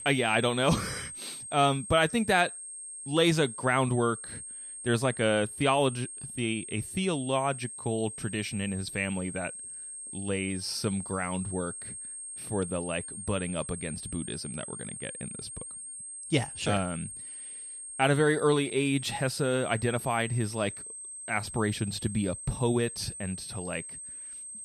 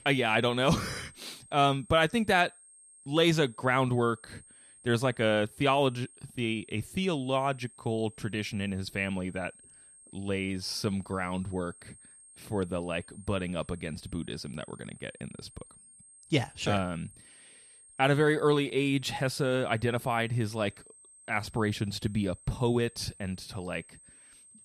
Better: second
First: high-pitched whine; loud; throughout; 8.5 kHz, 9 dB below the speech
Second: high-pitched whine; faint; throughout; 8.5 kHz, 25 dB below the speech

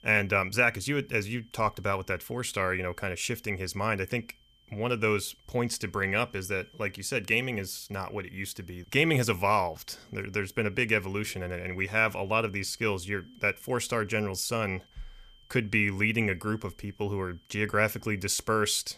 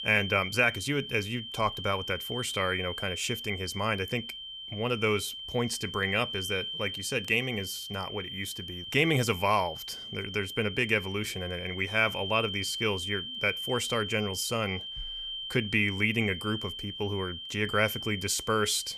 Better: first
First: high-pitched whine; faint; throughout; 3 kHz, 30 dB below the speech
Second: high-pitched whine; loud; throughout; 3 kHz, 7 dB below the speech

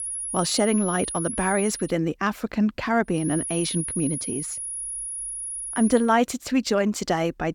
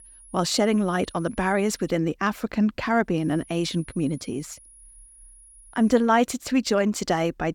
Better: second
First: high-pitched whine; loud; until 2 s and from 3 to 6 s; 10.5 kHz, 5 dB below the speech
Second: high-pitched whine; faint; until 2 s and from 3 to 6 s; 10.5 kHz, 25 dB below the speech

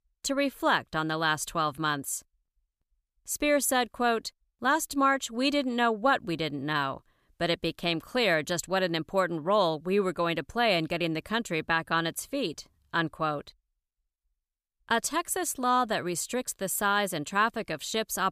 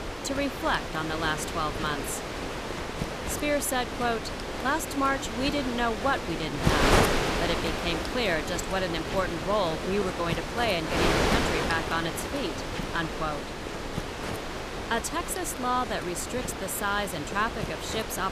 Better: first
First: none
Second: wind noise on the microphone; heavy; 2 dB below the speech

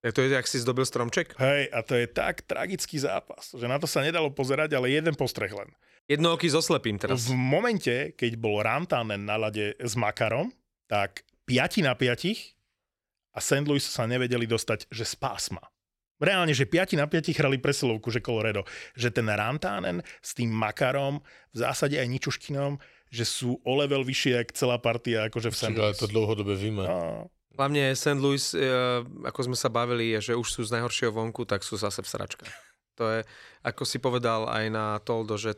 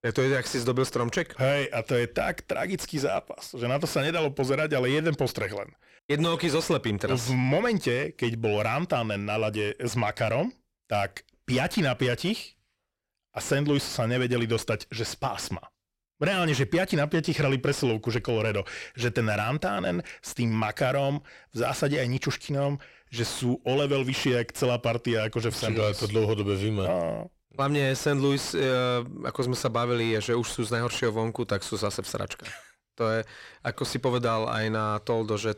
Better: first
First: none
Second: distortion; slight; 10 dB below the speech

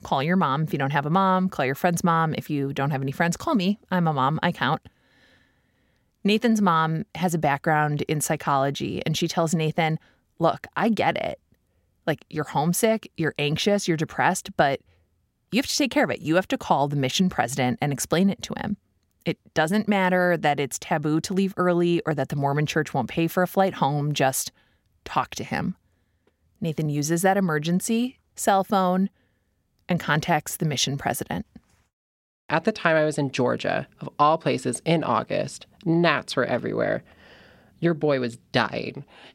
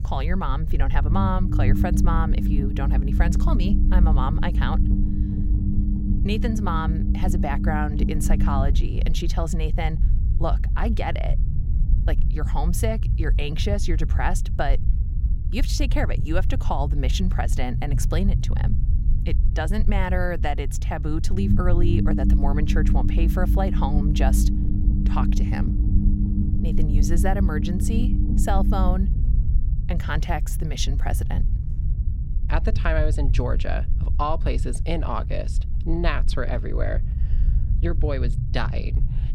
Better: first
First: none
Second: low rumble; loud; throughout; 7 dB below the speech

